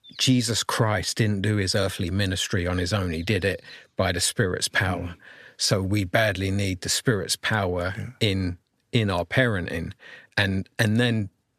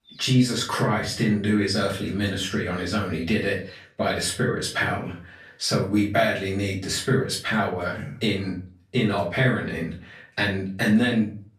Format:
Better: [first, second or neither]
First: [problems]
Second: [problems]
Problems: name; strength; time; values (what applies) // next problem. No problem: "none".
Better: first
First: none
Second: off-mic speech; far // room echo; slight; dies away in 0.3 s